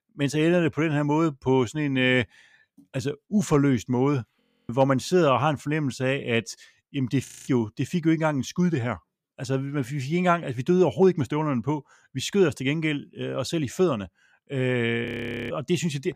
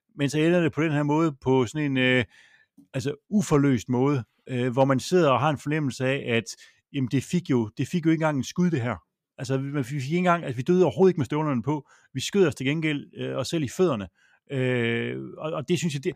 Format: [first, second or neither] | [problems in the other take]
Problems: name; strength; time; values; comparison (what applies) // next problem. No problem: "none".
second | audio freezing; at 4.5 s, at 7.5 s and at 15 s